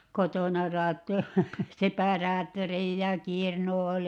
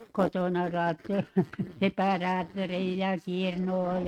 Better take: first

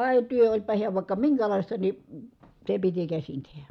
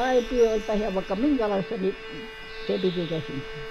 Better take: first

